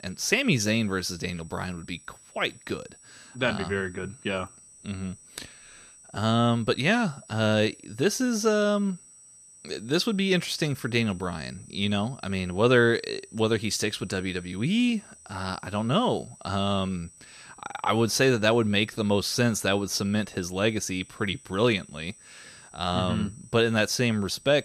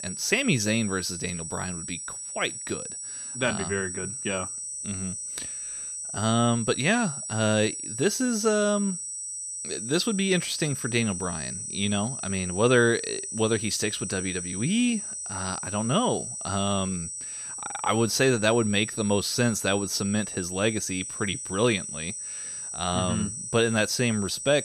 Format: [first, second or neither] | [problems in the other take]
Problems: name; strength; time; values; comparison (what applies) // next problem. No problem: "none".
first | high-pitched whine; loud; throughout; 8 kHz, 6 dB below the speech; faint in the first